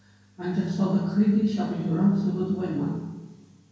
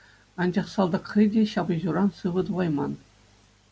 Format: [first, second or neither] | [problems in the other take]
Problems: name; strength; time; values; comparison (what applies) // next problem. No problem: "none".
second | room echo; dies away in 1 s